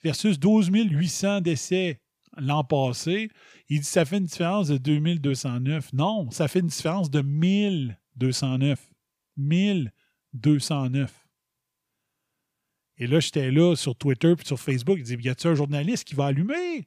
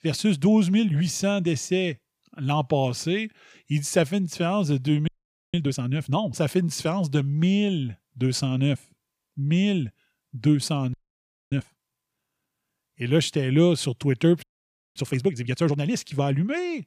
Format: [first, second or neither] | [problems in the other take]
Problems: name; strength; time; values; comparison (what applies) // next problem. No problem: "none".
first | audio freezing; at 5 s, at 11 s for 0.5 s and at 14 s for 0.5 s